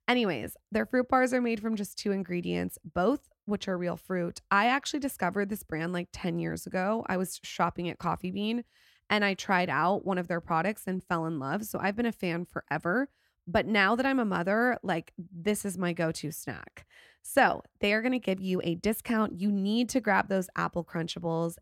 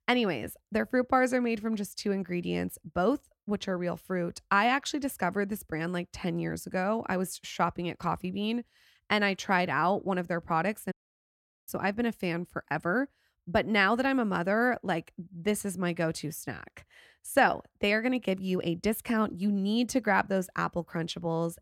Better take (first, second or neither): first